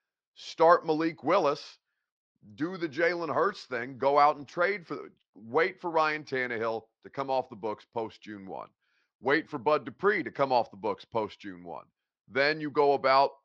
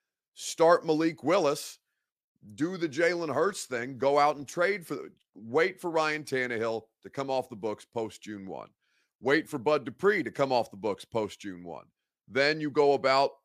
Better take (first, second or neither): second